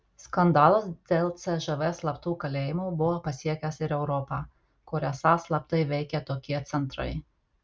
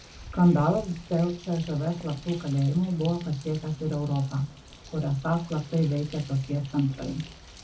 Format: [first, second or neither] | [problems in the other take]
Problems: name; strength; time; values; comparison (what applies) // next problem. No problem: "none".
first | background sound (Bird); 19 dB below the speech // room echo; dies away in 0.3 s